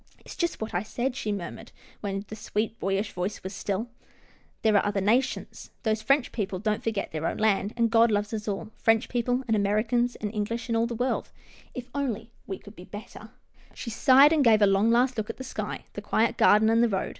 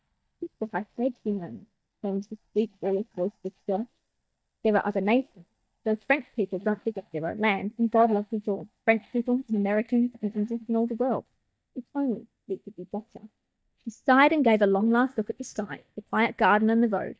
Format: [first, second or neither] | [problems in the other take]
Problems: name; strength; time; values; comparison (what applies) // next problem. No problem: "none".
first | noise reduction (neural mask model DeepFilterNet 3)